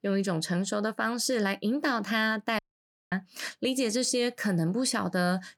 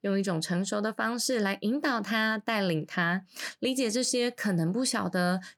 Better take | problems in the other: second | audio cutting out; at 2.5 s for 0.5 s

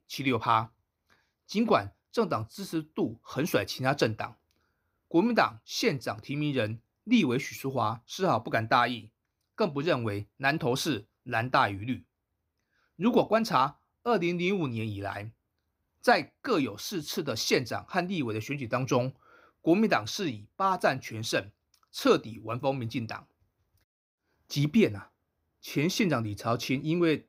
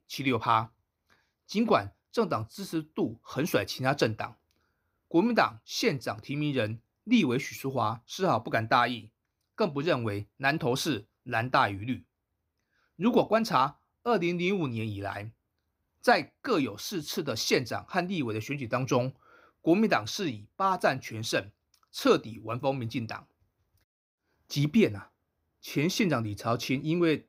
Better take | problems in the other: neither | none

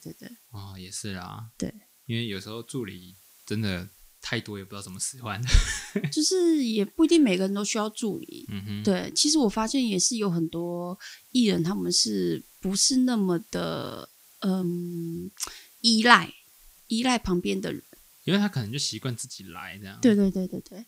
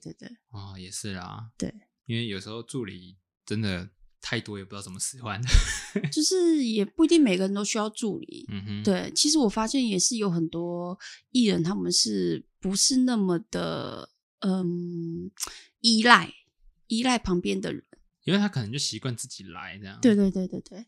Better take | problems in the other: second | hiss; faint; throughout; 30 dB below the speech

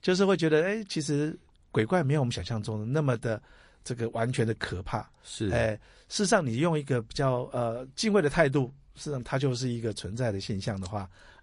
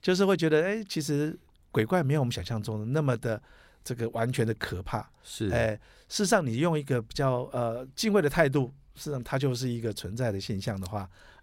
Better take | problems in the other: second | garbled, watery; slightly; nothing above 10.5 kHz

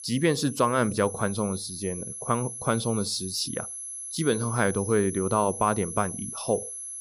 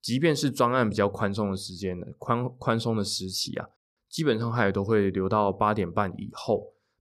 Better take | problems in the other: second | high-pitched whine; loud; throughout; 11 kHz, 8 dB below the speech

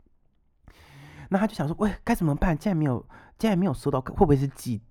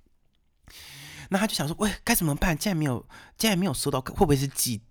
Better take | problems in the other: second | muffled; very; fading above 2 kHz

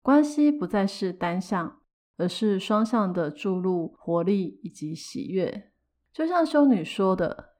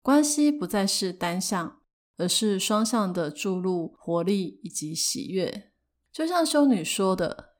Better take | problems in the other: second | muffled; slightly; fading above 4 kHz

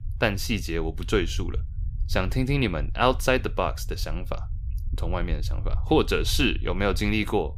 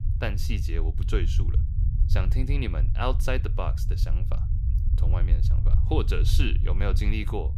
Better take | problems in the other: first | low rumble; loud; throughout; 9 dB below the speech; faint in the first

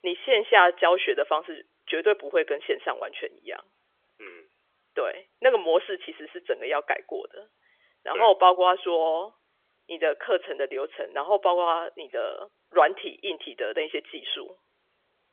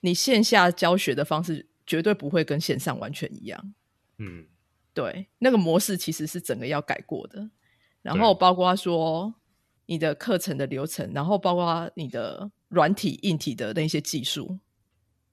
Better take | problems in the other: second | phone-call audio; nothing above 3.5 kHz

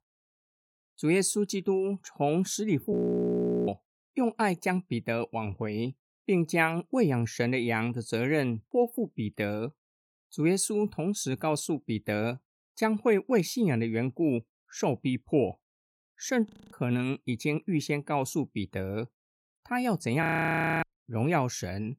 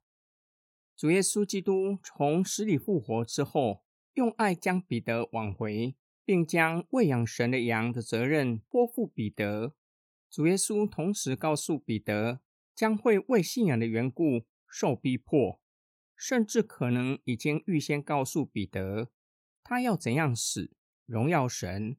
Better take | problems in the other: second | audio freezing; at 3 s for 1 s, at 16 s and at 20 s for 0.5 s

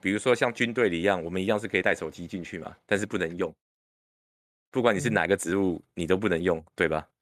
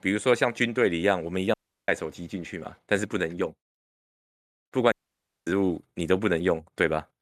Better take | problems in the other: first | audio cutting out; at 1.5 s and at 5 s for 0.5 s

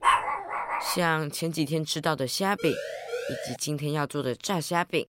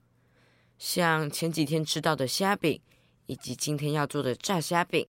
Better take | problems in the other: second | dog barking; loud; at the start; peak 5 dB above the speech // siren; noticeable; at 2.5 s; peak 5 dB below the speech

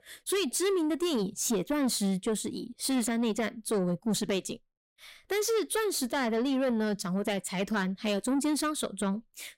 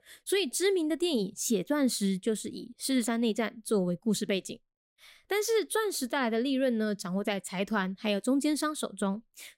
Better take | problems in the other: second | distortion; slight; 10 dB below the speech

